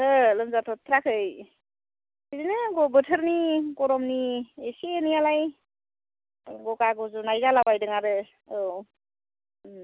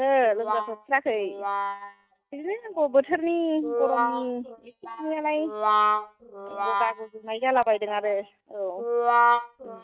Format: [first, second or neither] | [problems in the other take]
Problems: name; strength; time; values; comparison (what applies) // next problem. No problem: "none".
first | noise reduction (neural mask model DeepFilterNet 3)